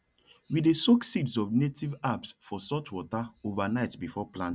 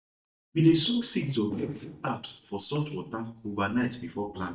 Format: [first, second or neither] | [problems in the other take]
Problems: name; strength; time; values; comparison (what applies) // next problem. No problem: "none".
first | noise reduction (neural mask model DeepFilterNet 3)